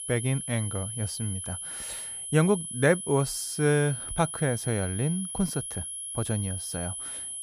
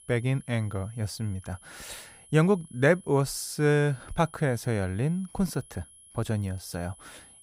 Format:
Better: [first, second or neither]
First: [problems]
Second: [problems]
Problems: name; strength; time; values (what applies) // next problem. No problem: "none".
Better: second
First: high-pitched whine; loud; throughout; 10.5 kHz, 6 dB below the speech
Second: high-pitched whine; faint; throughout; 10.5 kHz, 25 dB below the speech